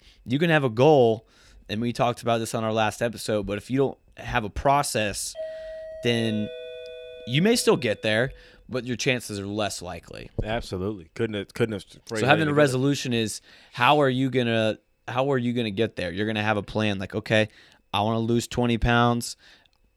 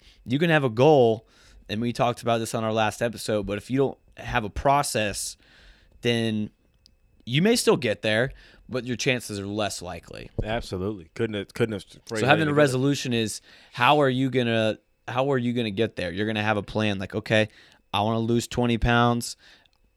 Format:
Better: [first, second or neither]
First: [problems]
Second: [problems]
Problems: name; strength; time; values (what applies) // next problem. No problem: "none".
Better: second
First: doorbell; faint; from 5.5 to 8 s; peak 10 dB below the speech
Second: none